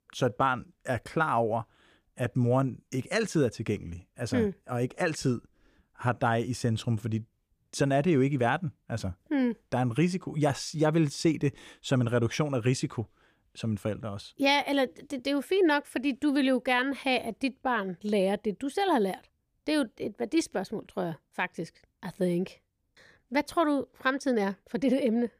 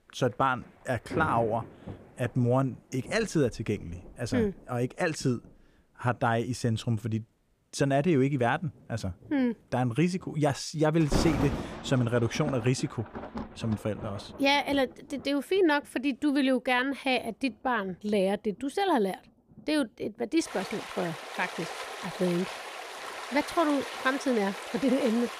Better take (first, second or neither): first